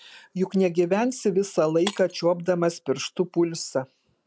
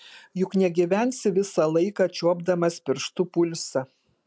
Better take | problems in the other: second | background sound (Shatter); 19 dB below the speech

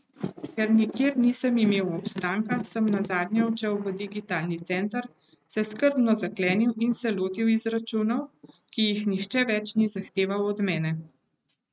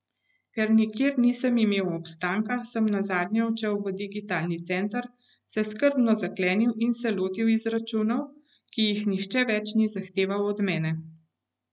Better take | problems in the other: second | noise reduction (neural mask model RNNoise)

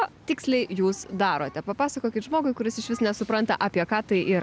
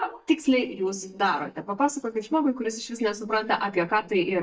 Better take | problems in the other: first | noise reduction (neural mask model DeepFilterNet 3)

